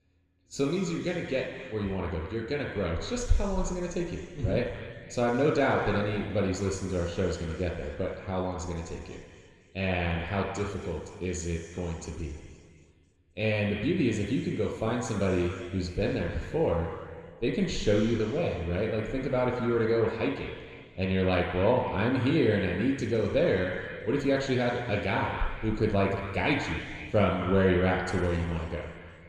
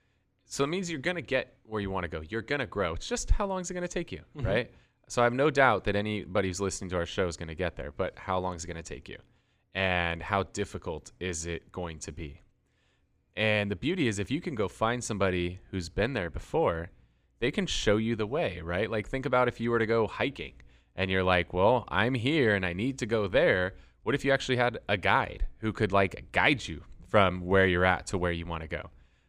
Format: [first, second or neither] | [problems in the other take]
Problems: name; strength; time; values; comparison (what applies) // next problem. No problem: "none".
second | room echo; noticeable; dies away in 2 s // off-mic speech; somewhat distant